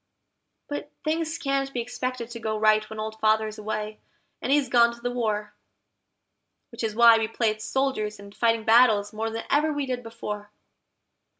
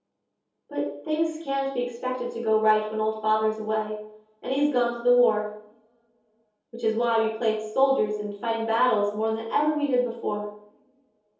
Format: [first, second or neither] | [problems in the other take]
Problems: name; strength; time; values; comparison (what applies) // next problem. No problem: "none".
first | room echo; dies away in 0.7 s